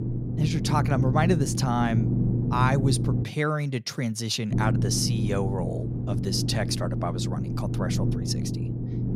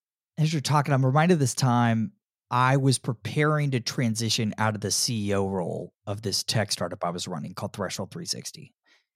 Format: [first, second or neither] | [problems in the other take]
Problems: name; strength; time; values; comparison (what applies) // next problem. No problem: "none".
second | low rumble; loud; until 3 s and from 4.5 s on; 7 dB below the speech